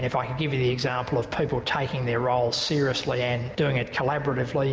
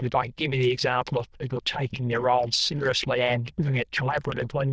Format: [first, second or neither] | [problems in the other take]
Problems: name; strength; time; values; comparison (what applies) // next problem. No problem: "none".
first | noise reduction (neural diffusion model UNIVERSE++)